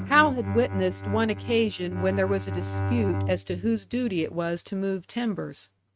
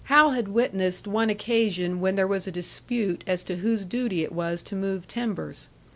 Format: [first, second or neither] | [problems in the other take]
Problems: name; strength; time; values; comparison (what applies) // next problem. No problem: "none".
second | noise reduction (neural mask model RNNoise)